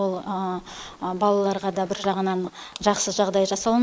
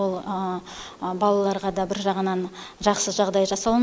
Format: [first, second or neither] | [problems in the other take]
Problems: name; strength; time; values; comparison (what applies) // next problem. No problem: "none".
second | noise reduction (neural mask model Resemble Enhance denoiser)